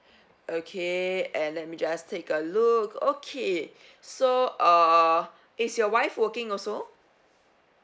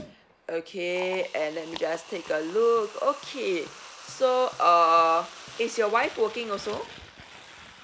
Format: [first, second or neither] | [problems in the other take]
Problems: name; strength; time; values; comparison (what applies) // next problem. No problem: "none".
first | background sound (Liquid); 18 dB below the speech